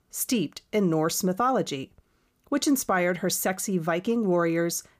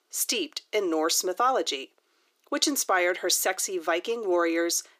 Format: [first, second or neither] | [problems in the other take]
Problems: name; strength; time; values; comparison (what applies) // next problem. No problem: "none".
first | thin; somewhat; fading below 350 Hz